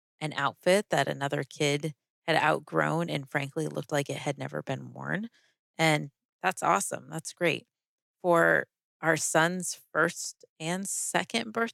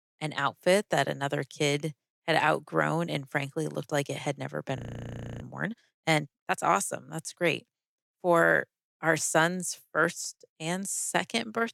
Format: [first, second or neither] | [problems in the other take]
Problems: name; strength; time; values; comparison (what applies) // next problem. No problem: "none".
first | audio freezing; at 5 s for 0.5 s